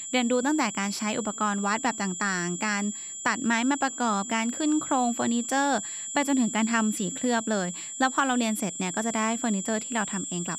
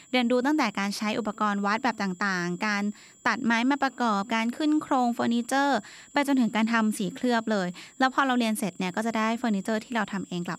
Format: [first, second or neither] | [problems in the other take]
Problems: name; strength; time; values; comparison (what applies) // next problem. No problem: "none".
second | high-pitched whine; loud; throughout; 7.5 kHz, 6 dB below the speech; faint in the second